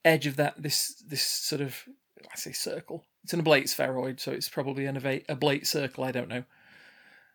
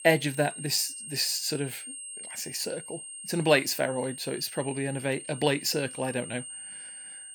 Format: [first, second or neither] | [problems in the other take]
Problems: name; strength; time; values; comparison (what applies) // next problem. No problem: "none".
first | high-pitched whine; noticeable; throughout; 8.5 kHz, 10 dB below the speech